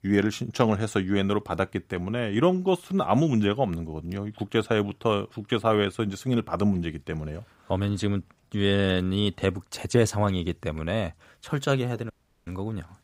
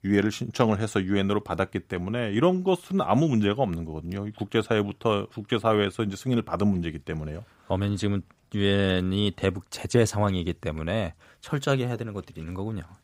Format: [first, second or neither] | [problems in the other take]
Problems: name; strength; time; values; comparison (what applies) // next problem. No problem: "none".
second | audio cutting out; at 12 s